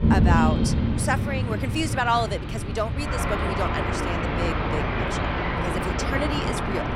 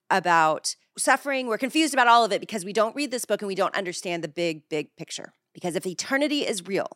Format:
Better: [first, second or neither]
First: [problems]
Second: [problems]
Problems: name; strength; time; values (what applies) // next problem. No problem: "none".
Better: second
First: rain or running water; very loud; throughout; 3 dB above the speech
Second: none